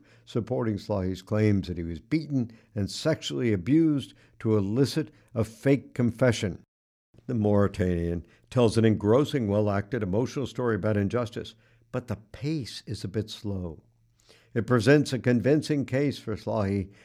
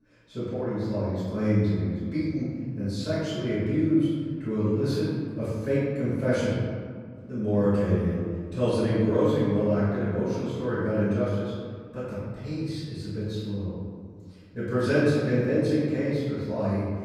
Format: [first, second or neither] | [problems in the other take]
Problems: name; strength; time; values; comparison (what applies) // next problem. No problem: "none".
first | off-mic speech; far // room echo; strong; dies away in 1.8 s